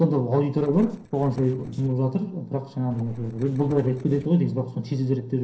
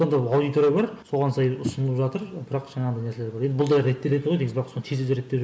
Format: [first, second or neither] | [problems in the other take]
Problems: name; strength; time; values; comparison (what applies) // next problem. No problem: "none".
second | noise reduction (neural separator model SepFormer DNS4)